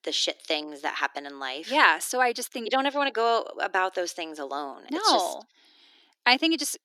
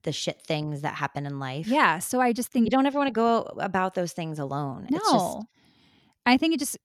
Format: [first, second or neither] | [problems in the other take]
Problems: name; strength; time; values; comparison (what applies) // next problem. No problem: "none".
second | thin; somewhat; fading below 300 Hz